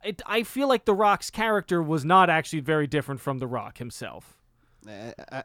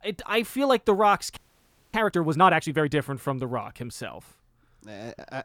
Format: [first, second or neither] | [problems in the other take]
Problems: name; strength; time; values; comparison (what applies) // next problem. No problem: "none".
first | audio freezing; at 1.5 s for 0.5 s